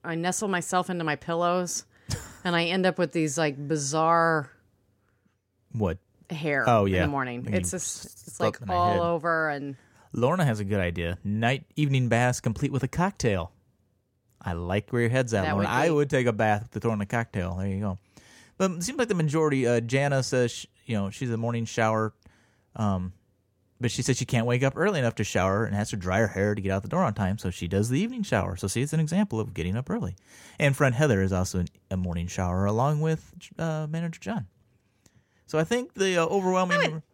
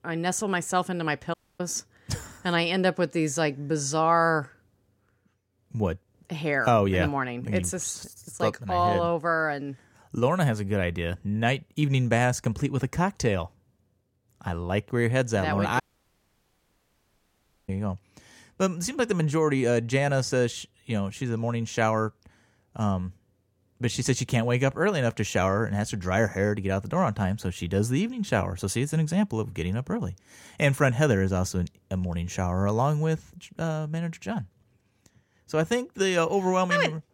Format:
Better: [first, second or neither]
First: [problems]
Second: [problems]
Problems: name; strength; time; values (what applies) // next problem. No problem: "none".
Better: first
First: none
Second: audio cutting out; at 1.5 s and at 16 s for 2 s